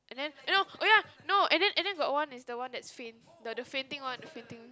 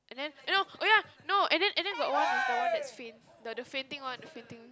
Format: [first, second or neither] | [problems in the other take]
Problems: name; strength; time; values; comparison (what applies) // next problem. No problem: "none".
first | background sound (Cheering); 2 dB below the speech